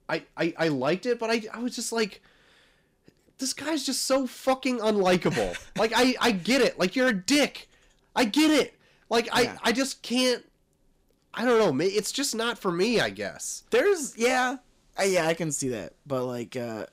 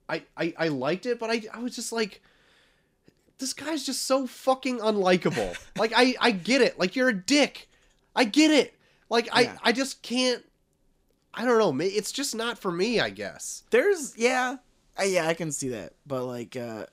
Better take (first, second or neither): second